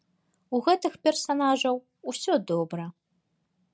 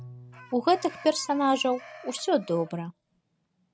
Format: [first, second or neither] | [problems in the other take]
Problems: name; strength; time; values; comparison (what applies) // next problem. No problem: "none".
first | background sound (Bowed string instrument + Chicken, rooster); 19 dB below the speech